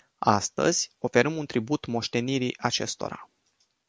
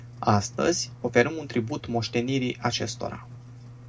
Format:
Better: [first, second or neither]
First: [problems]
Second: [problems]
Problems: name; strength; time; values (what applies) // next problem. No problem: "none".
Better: first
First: none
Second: background sound (Engine); 16 dB below the speech // room echo; dies away in 0.2 s